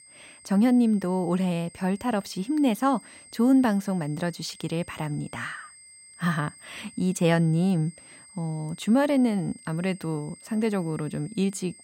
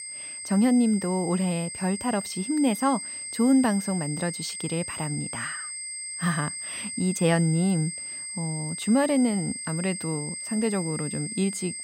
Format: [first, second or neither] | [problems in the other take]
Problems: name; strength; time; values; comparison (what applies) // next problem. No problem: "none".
first | high-pitched whine; loud; throughout; 8.5 kHz, 6 dB below the speech; faint in the first